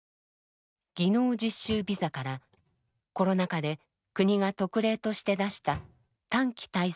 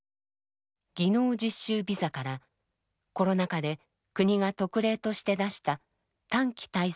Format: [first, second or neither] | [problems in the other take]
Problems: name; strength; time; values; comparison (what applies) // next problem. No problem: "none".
second | noise reduction (neural mask model RNNoise)